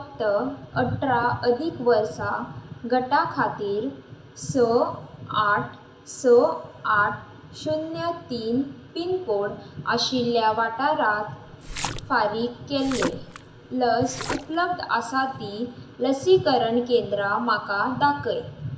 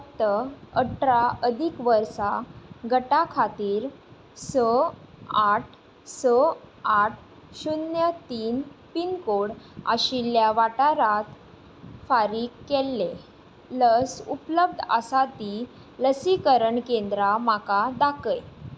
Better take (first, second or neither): second